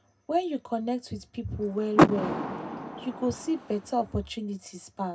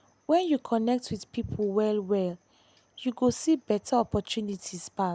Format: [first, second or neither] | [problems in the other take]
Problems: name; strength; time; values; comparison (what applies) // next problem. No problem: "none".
second | background sound (Door / Car); 3 dB above the speech // room echo; dies away in 0.2 s